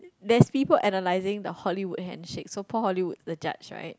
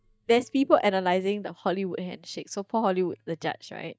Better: first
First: none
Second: noise reduction (neural mask model DeepFilterNet 3)

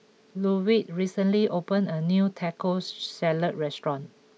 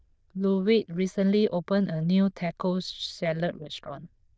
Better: first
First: none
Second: noise reduction (neural diffusion model UNIVERSE++)

